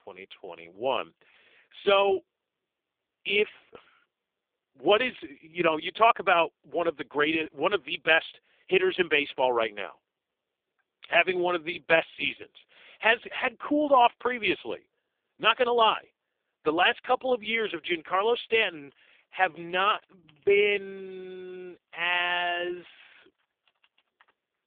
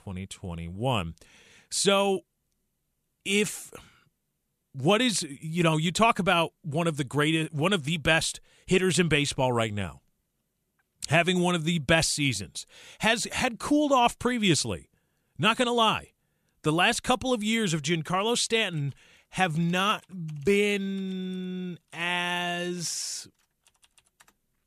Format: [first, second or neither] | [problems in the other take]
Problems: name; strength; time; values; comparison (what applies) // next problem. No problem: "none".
second | phone-call audio; poor line; nothing above 3.5 kHz